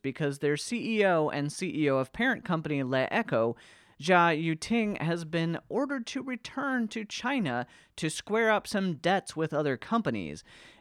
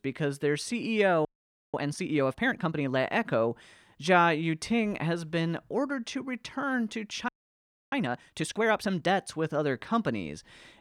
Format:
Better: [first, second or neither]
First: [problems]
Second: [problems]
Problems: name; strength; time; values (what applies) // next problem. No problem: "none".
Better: first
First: none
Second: audio freezing; at 1.5 s and at 7.5 s for 0.5 s